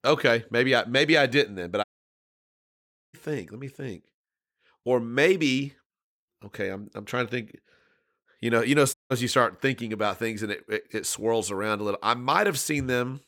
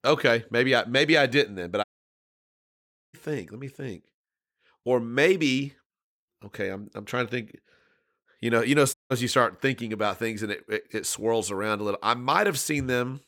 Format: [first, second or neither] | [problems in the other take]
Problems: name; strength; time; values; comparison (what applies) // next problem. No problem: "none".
neither | audio cutting out; at 2 s for 1.5 s and at 9 s; the same in both